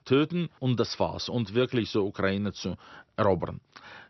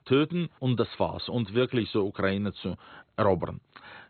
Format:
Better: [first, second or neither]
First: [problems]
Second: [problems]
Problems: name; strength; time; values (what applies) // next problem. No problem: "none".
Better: first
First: garbled, watery; slightly; nothing above 6 kHz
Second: garbled, watery; badly; nothing above 4 kHz